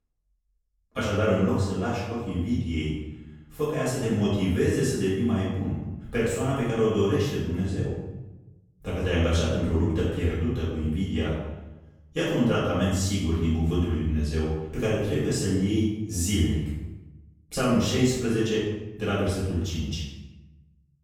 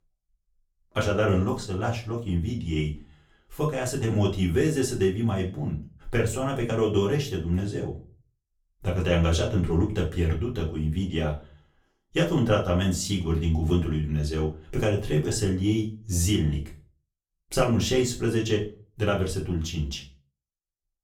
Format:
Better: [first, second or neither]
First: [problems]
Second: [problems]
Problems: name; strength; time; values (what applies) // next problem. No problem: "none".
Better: second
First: room echo; strong; dies away in 0.8 s // off-mic speech; far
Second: room echo; slight; dies away in 0.3 s // off-mic speech; far